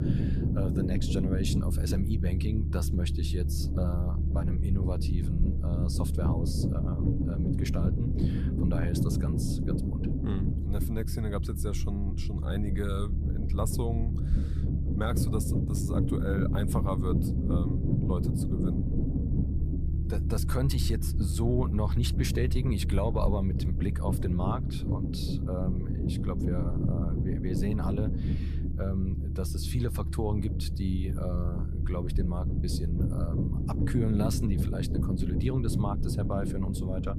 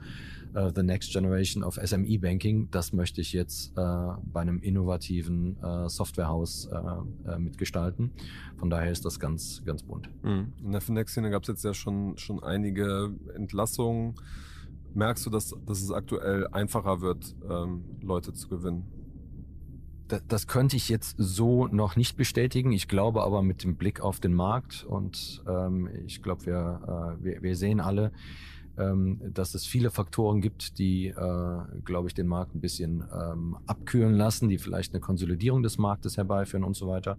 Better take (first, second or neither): second